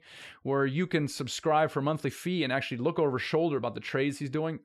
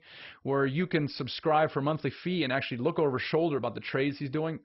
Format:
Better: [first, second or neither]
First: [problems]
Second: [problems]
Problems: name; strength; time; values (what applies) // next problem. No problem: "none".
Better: first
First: none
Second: garbled, watery; badly; nothing above 5.5 kHz